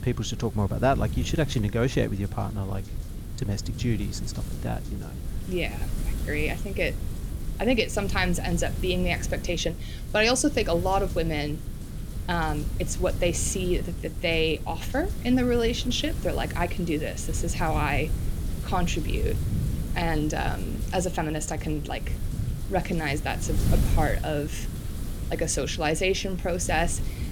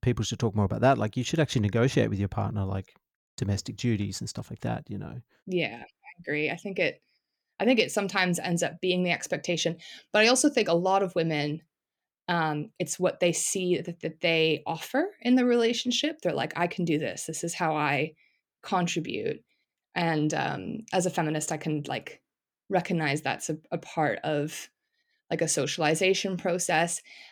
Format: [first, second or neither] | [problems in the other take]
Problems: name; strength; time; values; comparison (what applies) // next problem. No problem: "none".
second | wind noise on the microphone; occasional gusts; 15 dB below the speech